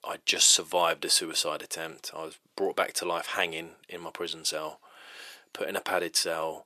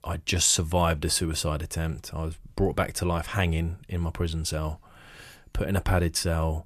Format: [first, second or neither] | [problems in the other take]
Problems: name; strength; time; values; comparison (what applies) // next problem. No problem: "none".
second | thin; very; fading below 350 Hz